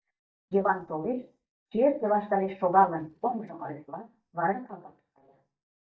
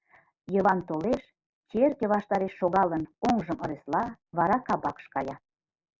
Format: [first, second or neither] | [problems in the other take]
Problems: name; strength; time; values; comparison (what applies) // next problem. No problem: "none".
second | noise reduction (neural mask model DeepFilterNet 3)